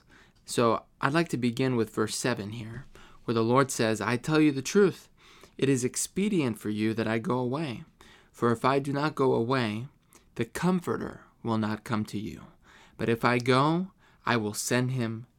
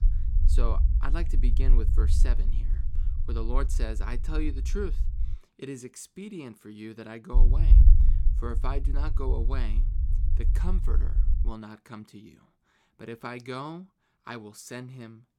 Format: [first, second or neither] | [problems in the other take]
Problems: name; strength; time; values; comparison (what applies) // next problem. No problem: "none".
first | low rumble; loud; until 5.5 s and from 7.5 to 12 s; 9 dB below the speech